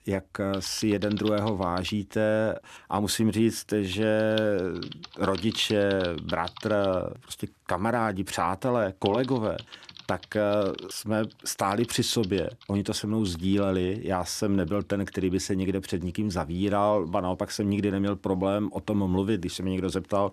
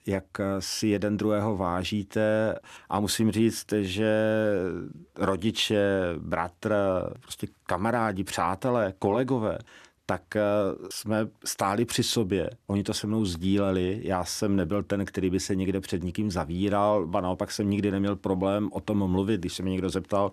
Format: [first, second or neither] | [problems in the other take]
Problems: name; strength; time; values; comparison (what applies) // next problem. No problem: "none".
second | household noises; noticeable; throughout; 15 dB below the speech